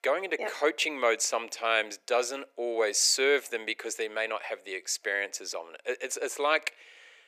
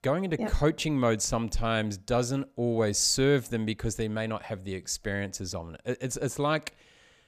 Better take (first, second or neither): second